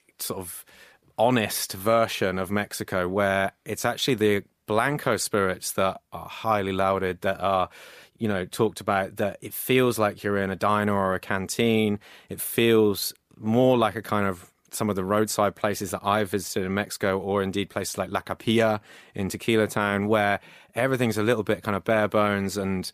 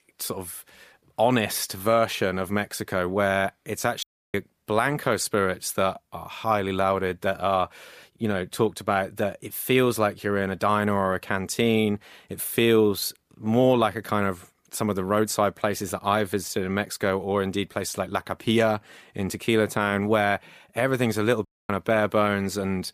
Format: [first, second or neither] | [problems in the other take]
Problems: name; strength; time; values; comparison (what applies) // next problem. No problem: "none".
first | audio cutting out; at 4 s and at 21 s